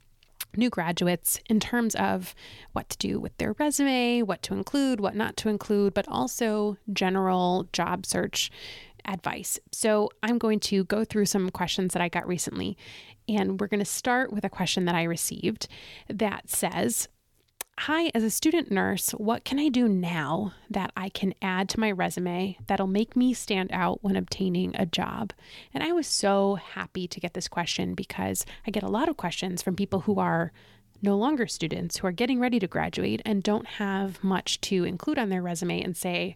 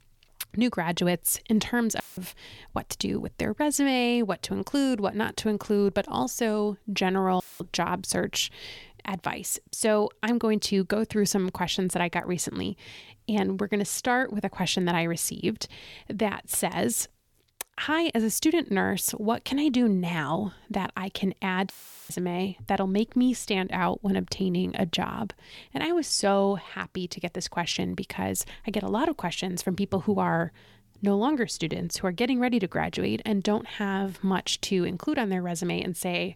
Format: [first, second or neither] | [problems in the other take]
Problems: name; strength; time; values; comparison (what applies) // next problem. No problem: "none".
first | audio cutting out; filled with static; at 2 s, at 7.5 s and at 22 s